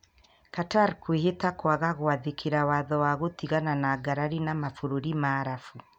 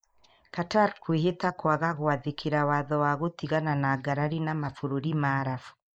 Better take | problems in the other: first | noise reduction (neural mask model Resemble Enhance denoiser)

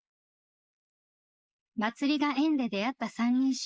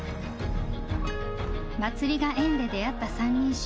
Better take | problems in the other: second | noise reduction (neural mask model Resemble Enhance denoiser)

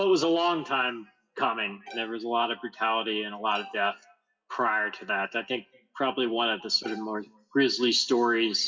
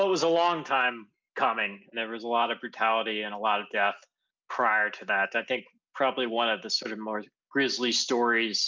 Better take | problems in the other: second | noise reduction (classical method WPE with log-MMSE)

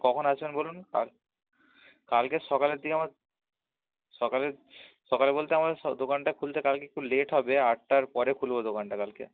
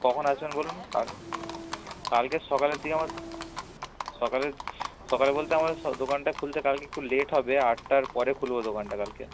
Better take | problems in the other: first | background sound (Livestock, farm animals, working animals + Train); 12 dB below the speech

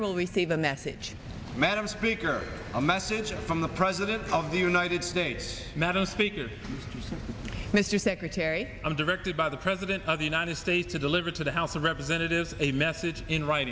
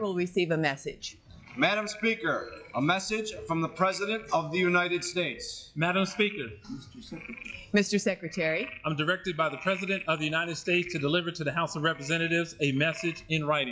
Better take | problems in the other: first | noise reduction (classical method log-MMSE)

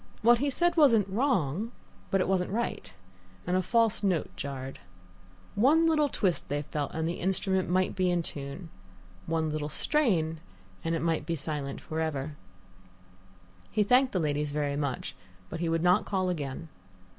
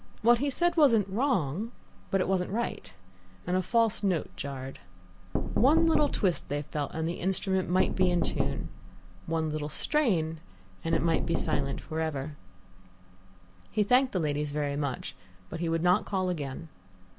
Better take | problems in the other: first | background sound (Knock); as loud as the speech

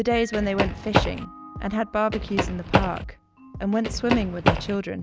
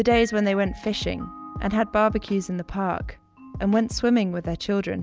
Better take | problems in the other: second | background sound (Run); 1 dB above the speech

